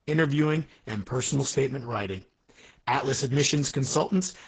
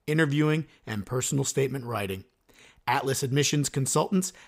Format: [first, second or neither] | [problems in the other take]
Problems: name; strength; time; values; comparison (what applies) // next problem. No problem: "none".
second | garbled, watery; badly; nothing above 7.5 kHz